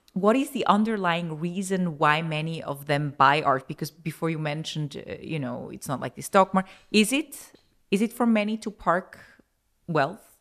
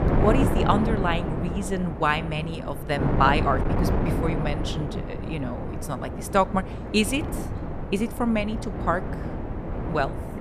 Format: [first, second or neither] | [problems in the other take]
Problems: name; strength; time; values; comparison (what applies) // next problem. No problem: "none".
first | wind noise on the microphone; heavy; 7 dB below the speech